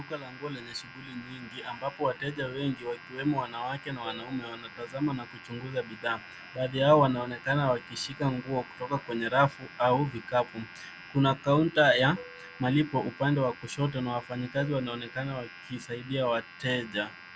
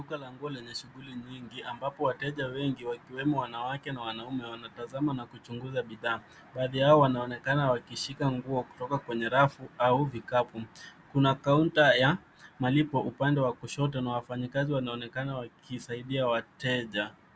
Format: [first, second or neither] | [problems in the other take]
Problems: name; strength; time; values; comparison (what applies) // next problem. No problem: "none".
second | background sound (Domestic sounds, home sounds + Plucked string instrument); 18 dB below the speech